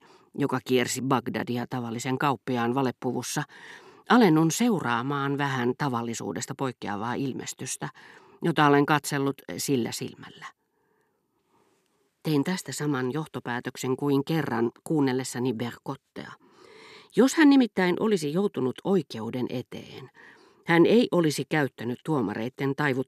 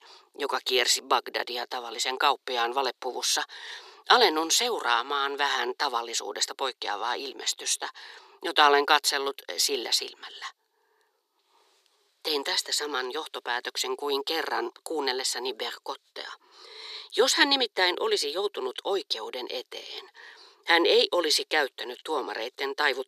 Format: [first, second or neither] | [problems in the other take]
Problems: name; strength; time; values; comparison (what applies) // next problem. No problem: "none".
first | thin; very; fading below 450 Hz